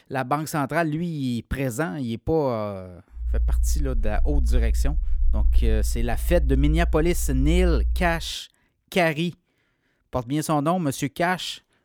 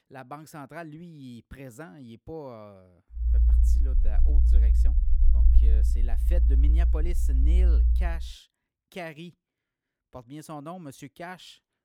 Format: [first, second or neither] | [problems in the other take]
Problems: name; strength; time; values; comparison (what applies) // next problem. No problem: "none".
first | low rumble; loud; from 3 to 8 s; 3 dB below the speech; faint in the first